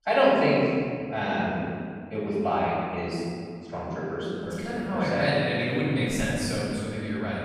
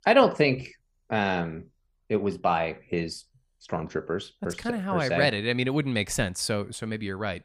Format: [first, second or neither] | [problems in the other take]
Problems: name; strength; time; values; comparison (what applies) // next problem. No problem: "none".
second | room echo; strong; dies away in 2.1 s // off-mic speech; far